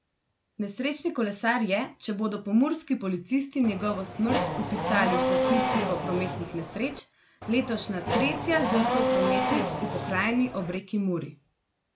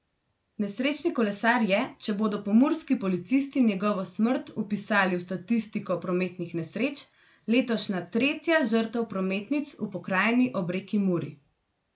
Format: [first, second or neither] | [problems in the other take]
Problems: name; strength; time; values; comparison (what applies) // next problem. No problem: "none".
second | background sound (Race car, auto racing / Accelerating, revving, vroom); as loud as the speech